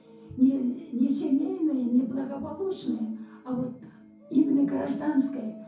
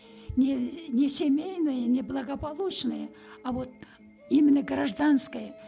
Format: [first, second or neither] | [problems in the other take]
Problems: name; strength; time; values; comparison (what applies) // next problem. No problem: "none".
second | room echo; dies away in 0.6 s